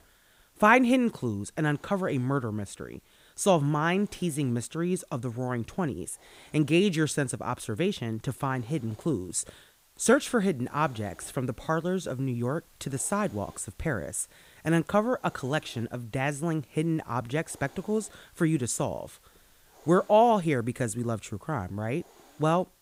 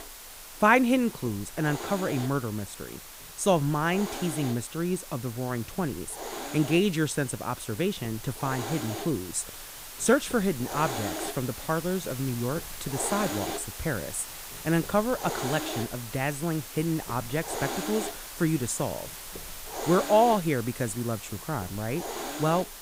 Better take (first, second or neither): first